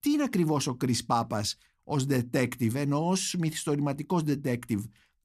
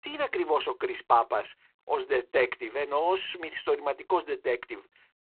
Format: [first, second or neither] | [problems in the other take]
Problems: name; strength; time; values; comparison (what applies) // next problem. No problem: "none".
first | phone-call audio; poor line